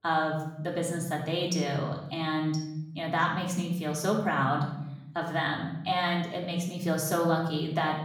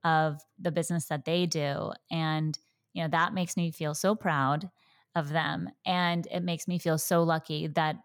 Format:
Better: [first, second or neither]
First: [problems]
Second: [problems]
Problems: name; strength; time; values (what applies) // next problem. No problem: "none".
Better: second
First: room echo; noticeable; dies away in 0.8 s // off-mic speech; far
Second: none